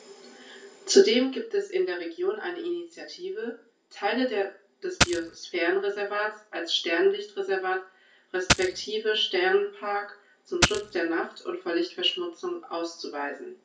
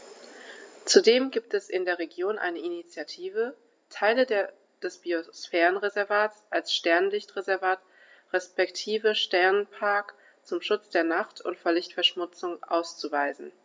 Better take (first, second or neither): second